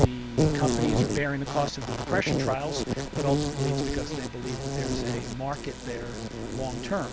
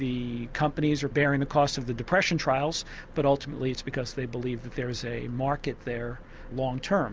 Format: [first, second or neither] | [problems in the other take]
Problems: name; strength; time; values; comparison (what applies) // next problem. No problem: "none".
second | background sound (Insect); 3 dB above the speech